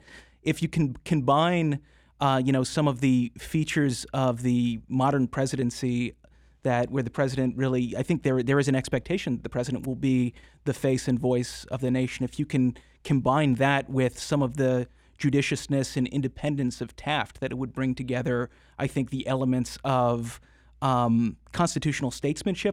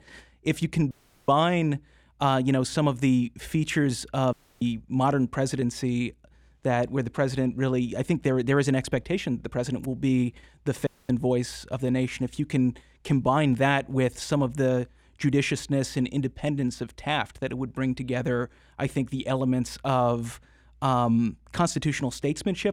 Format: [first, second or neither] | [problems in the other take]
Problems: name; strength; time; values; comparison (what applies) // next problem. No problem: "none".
first | audio cutting out; at 1 s, at 4.5 s and at 11 s